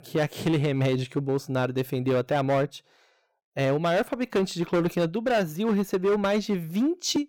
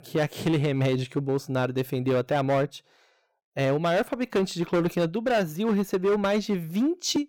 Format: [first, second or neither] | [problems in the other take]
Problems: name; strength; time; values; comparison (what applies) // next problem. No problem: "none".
neither | distortion; slight; 11% of the sound clipped; the same in both